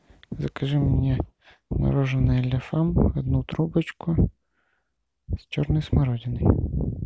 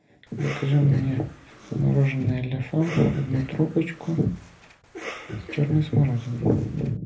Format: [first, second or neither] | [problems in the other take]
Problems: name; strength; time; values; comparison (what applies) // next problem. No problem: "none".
first | background sound (Cough); 17 dB below the speech // room echo; dies away in 0.3 s